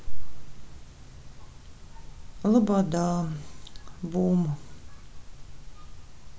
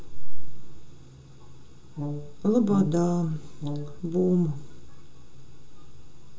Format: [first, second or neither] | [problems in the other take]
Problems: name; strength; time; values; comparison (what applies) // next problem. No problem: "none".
first | background sound (Brass instrument); 12 dB below the speech // room echo; dies away in 0.2 s